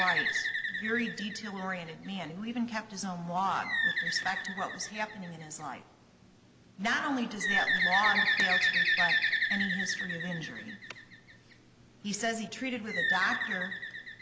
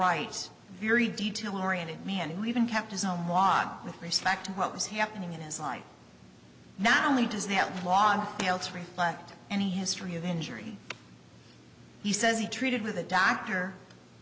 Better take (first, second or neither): second